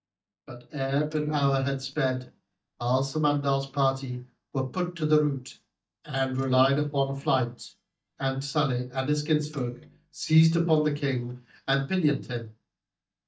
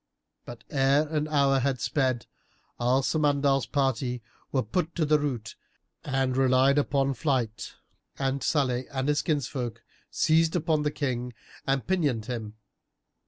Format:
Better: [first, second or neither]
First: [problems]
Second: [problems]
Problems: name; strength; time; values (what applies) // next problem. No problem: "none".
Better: second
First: noise reduction (neural mask model DeepFilterNet 3)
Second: none